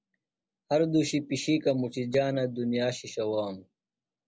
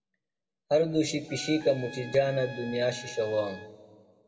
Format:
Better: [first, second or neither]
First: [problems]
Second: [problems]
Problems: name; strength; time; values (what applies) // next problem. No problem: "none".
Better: first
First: none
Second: background sound (Trumpet); 17 dB below the speech // room echo; dies away in 1.3 s